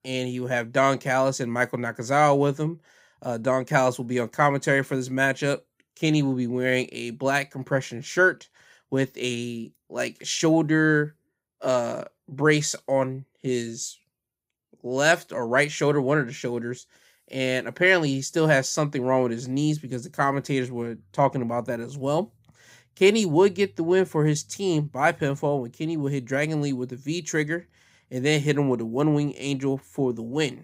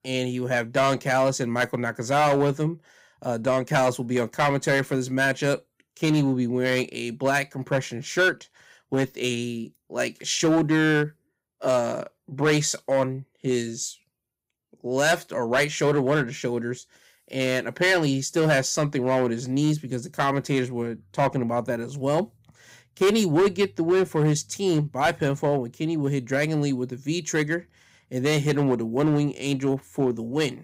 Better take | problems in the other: first | distortion; slight; 5% of the sound clipped

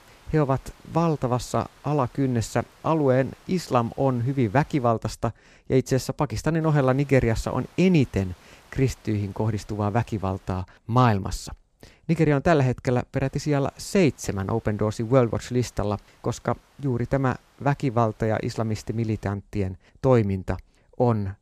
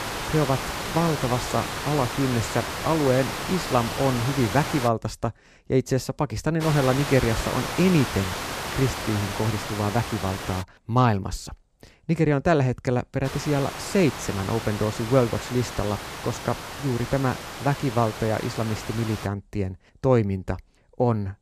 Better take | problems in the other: first | hiss; loud; until 5 s, from 6.5 to 11 s and from 13 to 19 s; 6 dB below the speech; faint in the first

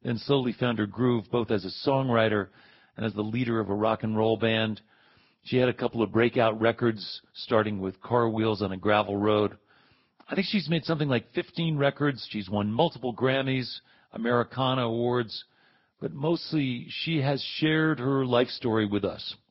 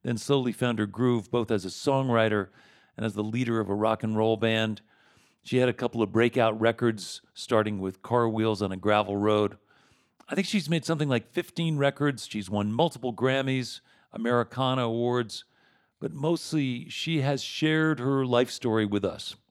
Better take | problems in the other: second | garbled, watery; badly; nothing above 5.5 kHz

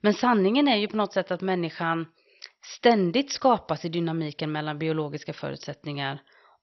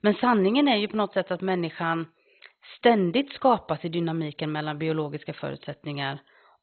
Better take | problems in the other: first | garbled, watery; badly; nothing above 4 kHz; slightly in the first

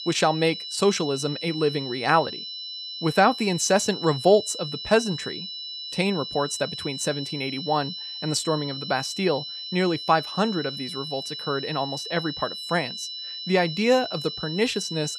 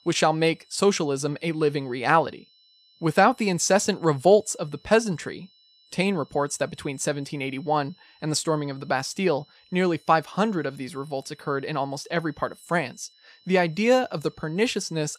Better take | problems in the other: second | high-pitched whine; loud; throughout; 4 kHz, 7 dB below the speech; faint in the second

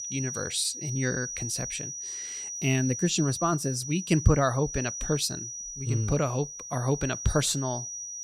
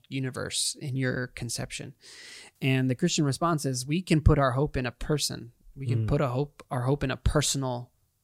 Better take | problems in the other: second | high-pitched whine; loud; throughout; 6 kHz, 6 dB below the speech

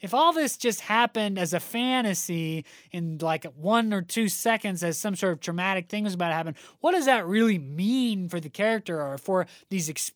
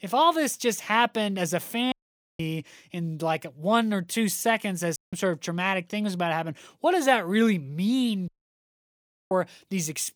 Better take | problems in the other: first | audio cutting out; at 2 s, at 5 s and at 8.5 s for 1 s

